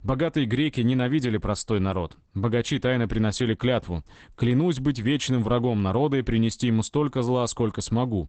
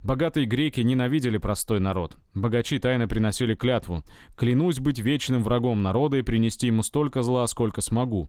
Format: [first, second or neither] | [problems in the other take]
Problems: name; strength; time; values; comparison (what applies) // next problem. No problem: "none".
second | garbled, watery; badly; nothing above 8 kHz; slightly in the second